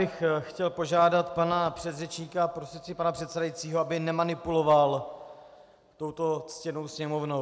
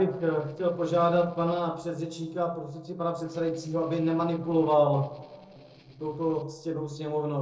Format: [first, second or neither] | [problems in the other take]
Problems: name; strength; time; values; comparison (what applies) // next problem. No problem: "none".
first | noise reduction (neural separator model SepFormer DNS4)